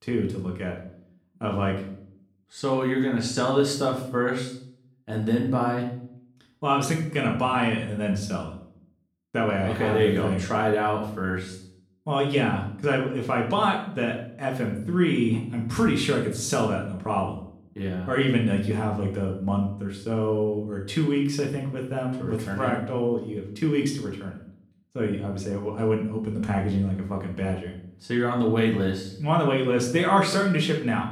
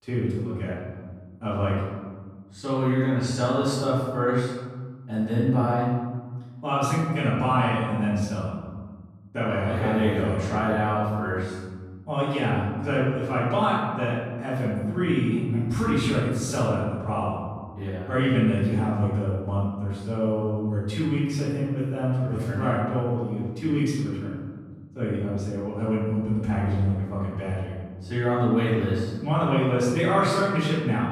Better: first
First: room echo; slight; dies away in 0.5 s // off-mic speech; far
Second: room echo; strong; dies away in 1.7 s // off-mic speech; far

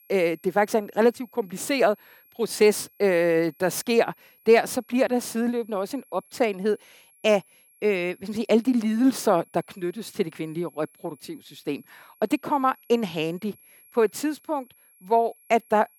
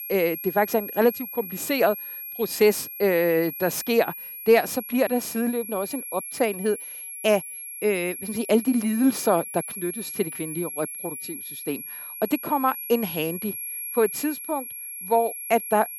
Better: first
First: high-pitched whine; faint; throughout; 11.5 kHz, 30 dB below the speech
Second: high-pitched whine; loud; throughout; 11.5 kHz, 8 dB below the speech

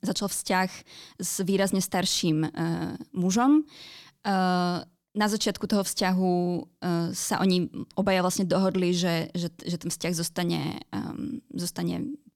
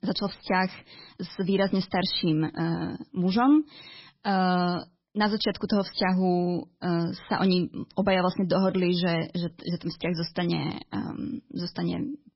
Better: first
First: none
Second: garbled, watery; badly; nothing above 5.5 kHz

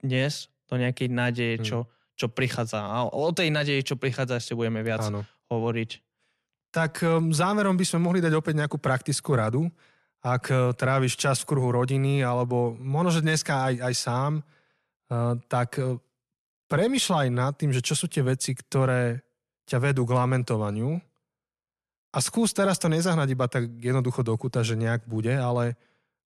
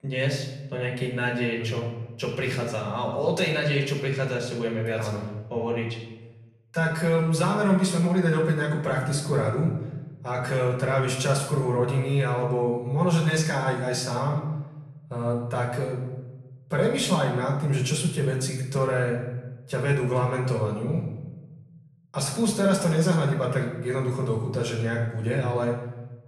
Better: first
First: none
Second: off-mic speech; far // room echo; noticeable; dies away in 0.9 s

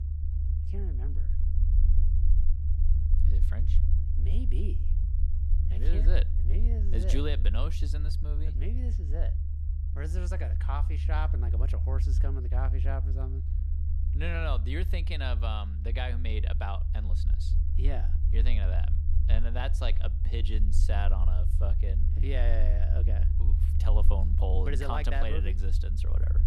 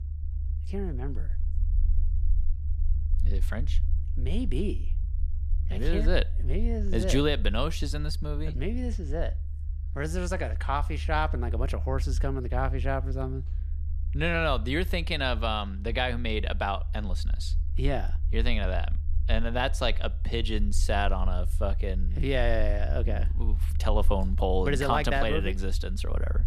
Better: second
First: low rumble; loud; throughout; 8 dB below the speech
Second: low rumble; faint; throughout; 20 dB below the speech

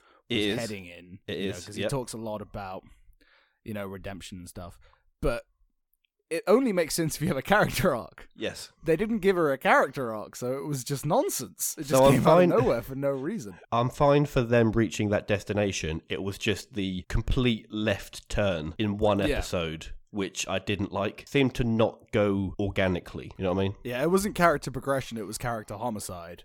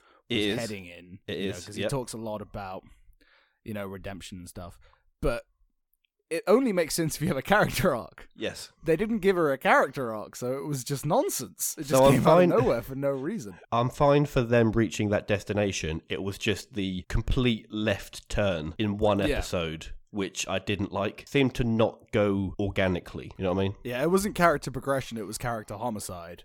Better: neither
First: none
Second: none

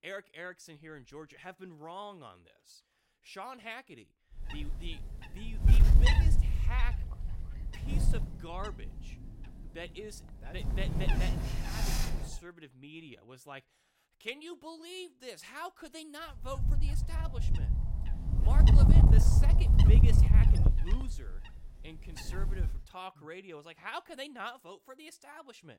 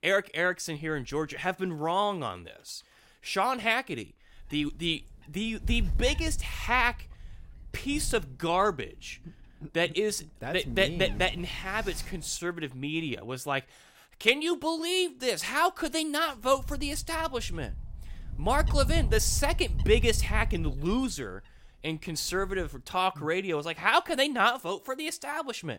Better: second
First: wind noise on the microphone; heavy; from 4.5 to 12 s and from 16 to 23 s; 3 dB above the speech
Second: wind noise on the microphone; occasional gusts; from 4.5 to 12 s and from 16 to 23 s; 20 dB below the speech

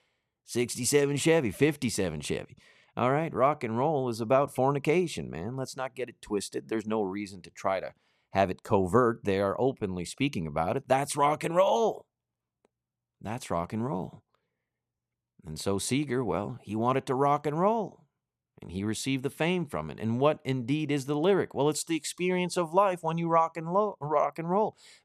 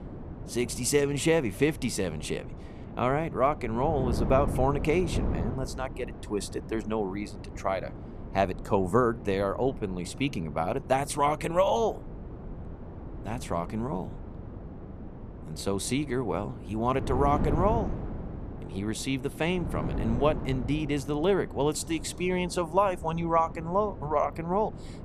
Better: first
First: none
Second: wind noise on the microphone; occasional gusts; 15 dB below the speech

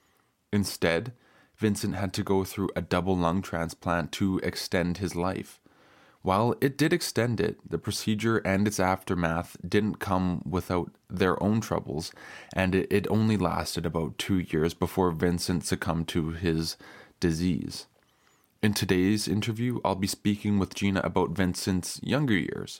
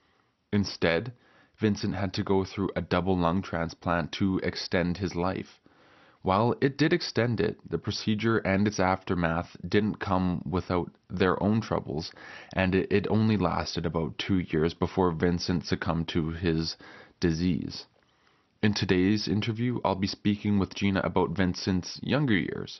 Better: first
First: none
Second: garbled, watery; slightly; nothing above 6 kHz

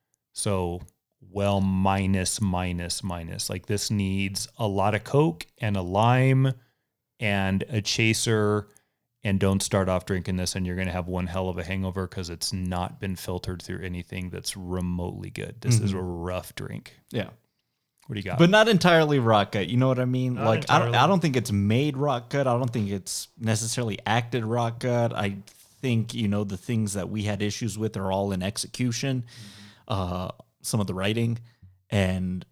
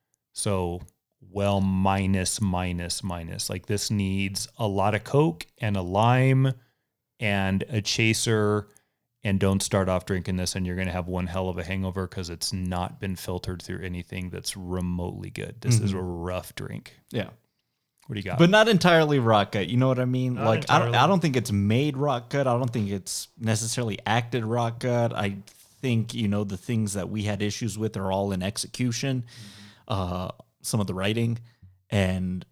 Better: neither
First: none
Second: none

